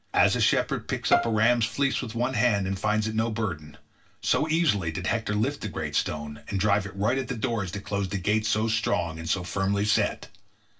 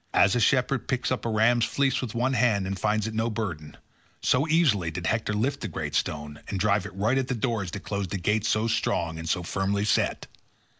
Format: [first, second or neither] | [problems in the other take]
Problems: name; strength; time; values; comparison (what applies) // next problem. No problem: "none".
second | background sound (Bowed string instrument); 7 dB below the speech // room echo; dies away in 0.2 s